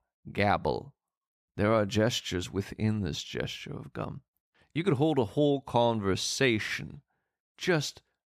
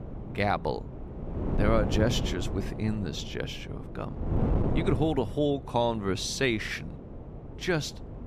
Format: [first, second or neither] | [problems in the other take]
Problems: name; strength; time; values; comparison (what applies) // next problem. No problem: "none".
first | wind noise on the microphone; occasional gusts; 10 dB below the speech